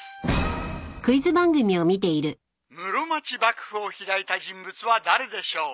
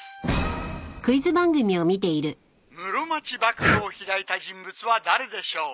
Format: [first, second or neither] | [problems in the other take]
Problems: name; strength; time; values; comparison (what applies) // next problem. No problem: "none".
first | background sound (Breathing); 6 dB below the speech